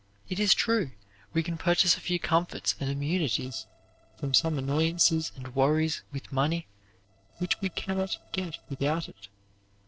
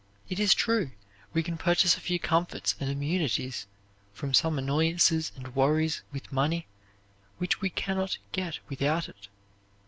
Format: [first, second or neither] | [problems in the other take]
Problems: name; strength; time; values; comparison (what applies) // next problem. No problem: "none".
second | noise reduction (neural separator model SepFormer DNS4)